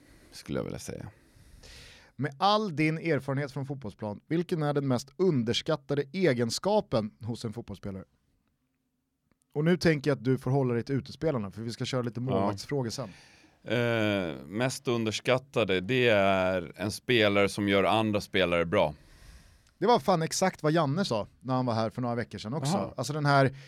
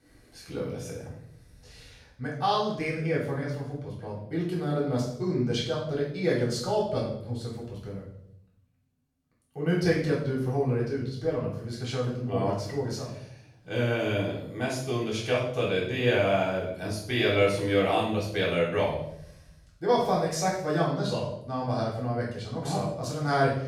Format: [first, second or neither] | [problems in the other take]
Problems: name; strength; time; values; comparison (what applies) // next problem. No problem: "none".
first | off-mic speech; far // room echo; noticeable; dies away in 0.7 s